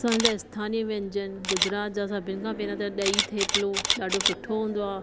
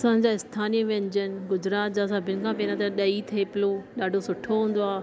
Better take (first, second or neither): second